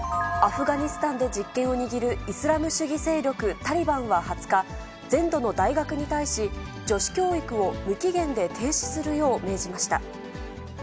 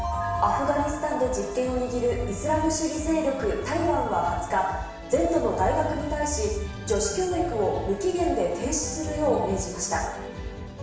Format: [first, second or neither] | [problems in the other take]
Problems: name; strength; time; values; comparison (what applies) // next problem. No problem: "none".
first | room echo; dies away in 0.8 s